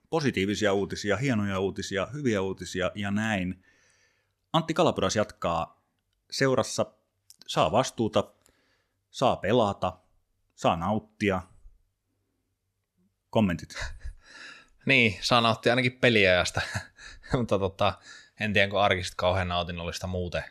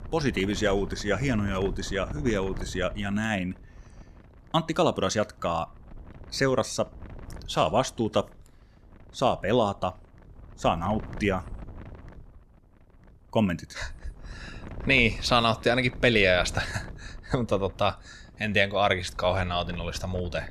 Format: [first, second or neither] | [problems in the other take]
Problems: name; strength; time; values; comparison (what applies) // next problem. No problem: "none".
first | wind noise on the microphone; occasional gusts; 25 dB below the speech